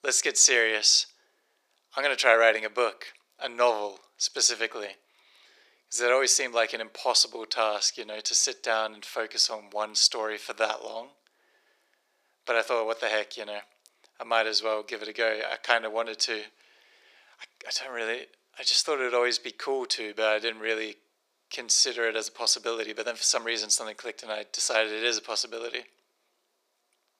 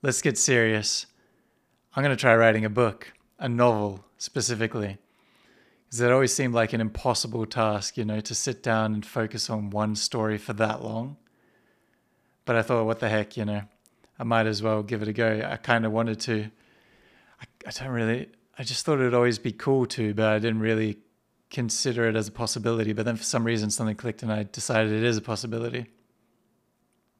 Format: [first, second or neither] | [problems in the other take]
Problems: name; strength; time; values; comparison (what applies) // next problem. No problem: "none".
second | thin; very; fading below 400 Hz